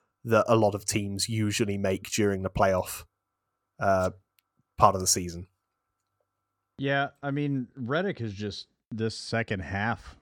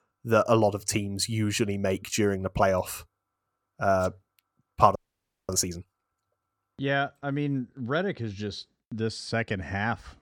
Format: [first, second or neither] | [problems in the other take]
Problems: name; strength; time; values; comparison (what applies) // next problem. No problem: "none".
first | audio freezing; at 5 s for 0.5 s